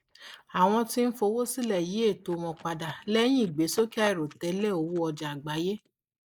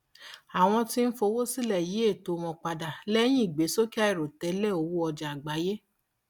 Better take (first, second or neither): second